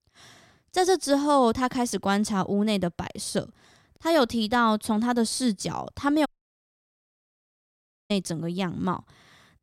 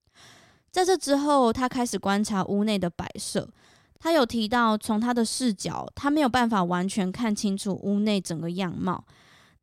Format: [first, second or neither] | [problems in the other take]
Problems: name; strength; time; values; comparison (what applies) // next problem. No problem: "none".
second | audio cutting out; at 6.5 s for 2 s